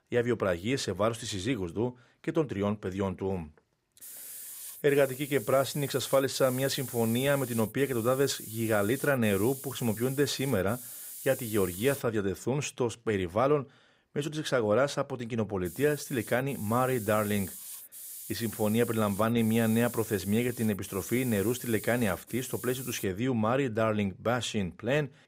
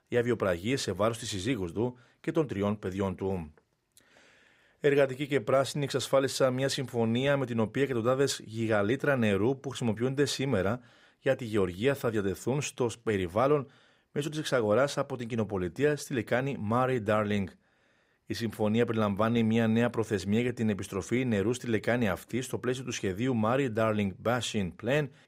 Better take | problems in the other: second | hiss; noticeable; from 4 to 12 s and from 16 to 23 s; 10 dB below the speech

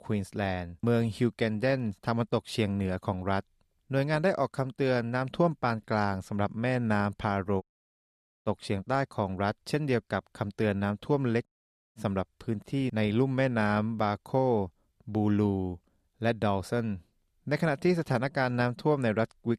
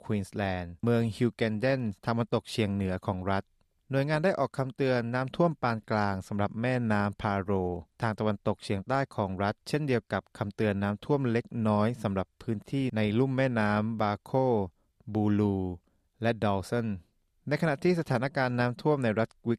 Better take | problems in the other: second | audio cutting out; at 7.5 s for 1 s and at 11 s

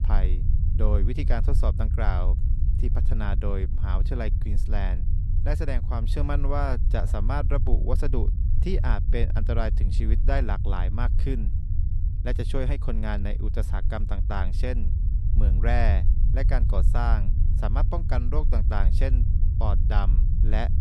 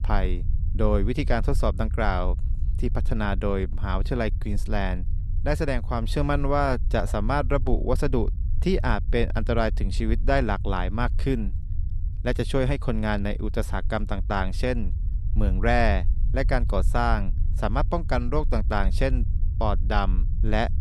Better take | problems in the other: second | low rumble; loud; throughout; 10 dB below the speech; faint in the second

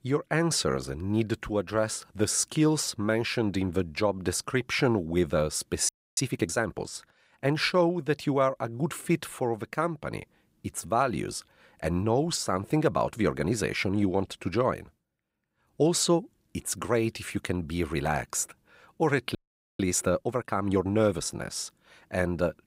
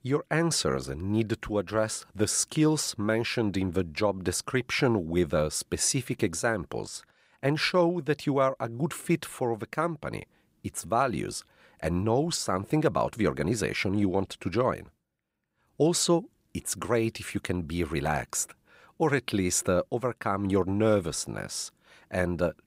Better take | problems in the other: second | audio freezing; at 6 s and at 19 s

